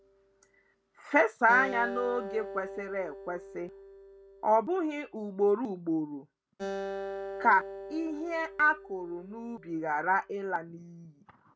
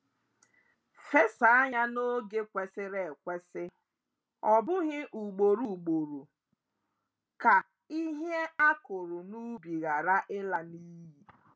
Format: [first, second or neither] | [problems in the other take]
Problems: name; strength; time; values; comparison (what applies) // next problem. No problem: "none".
second | background sound (Acoustic guitar); 11 dB below the speech